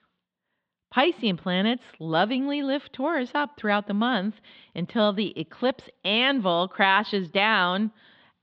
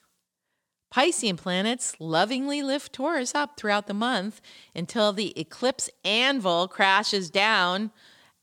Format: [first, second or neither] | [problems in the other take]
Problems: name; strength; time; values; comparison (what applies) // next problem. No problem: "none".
second | muffled; slightly; fading above 3.5 kHz